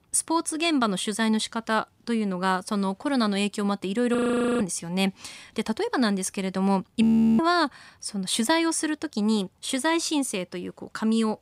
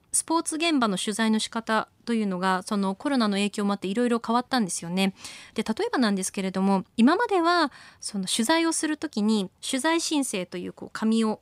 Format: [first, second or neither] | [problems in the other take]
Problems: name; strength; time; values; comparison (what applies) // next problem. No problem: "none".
second | audio freezing; at 4 s and at 7 s